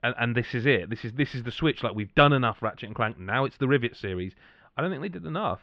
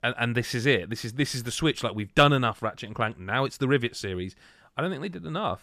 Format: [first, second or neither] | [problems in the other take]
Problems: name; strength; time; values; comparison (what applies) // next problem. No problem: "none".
second | muffled; very; fading above 3.5 kHz